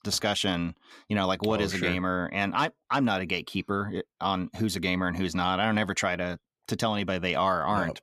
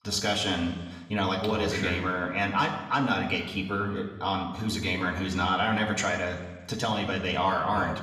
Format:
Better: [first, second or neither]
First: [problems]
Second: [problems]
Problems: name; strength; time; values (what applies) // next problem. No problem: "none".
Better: first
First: none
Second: room echo; noticeable; dies away in 1.1 s // off-mic speech; somewhat distant